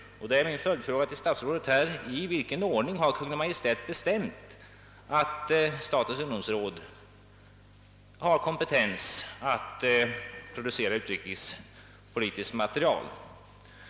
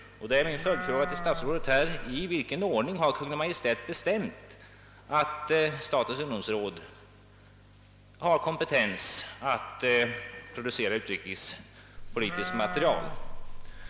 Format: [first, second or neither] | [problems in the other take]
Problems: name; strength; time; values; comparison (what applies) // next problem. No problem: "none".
first | background sound (Livestock, farm animals, working animals); 4 dB below the speech